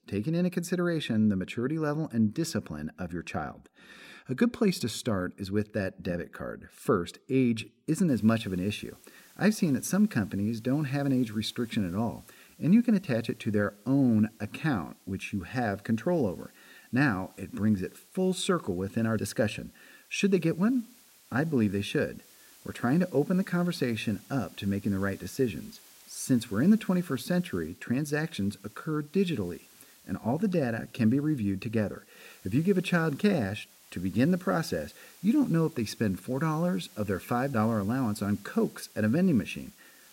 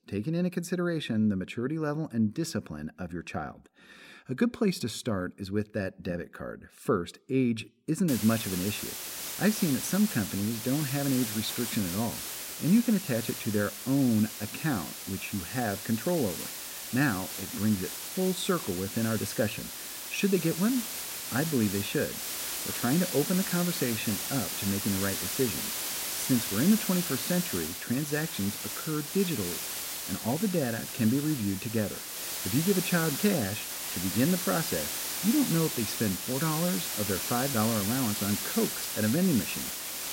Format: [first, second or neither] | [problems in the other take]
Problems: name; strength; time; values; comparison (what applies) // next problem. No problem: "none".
first | hiss; loud; from 8 s on; 3 dB below the speech; faint in the first